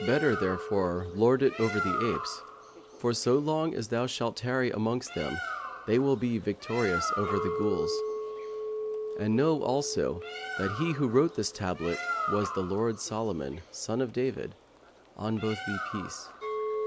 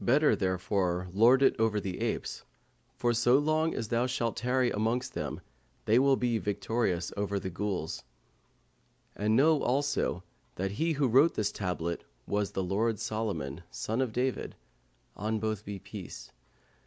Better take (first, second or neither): second